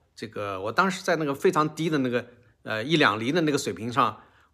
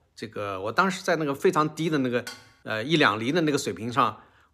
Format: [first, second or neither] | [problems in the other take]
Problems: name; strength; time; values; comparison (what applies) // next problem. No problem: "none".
first | clattering dishes; faint; at 2.5 s; peak 15 dB below the speech